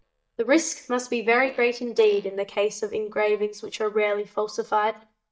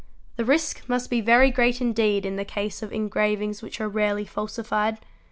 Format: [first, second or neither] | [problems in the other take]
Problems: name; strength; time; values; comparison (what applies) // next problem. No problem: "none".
second | noise reduction (neural mask model DeepFilterNet 3)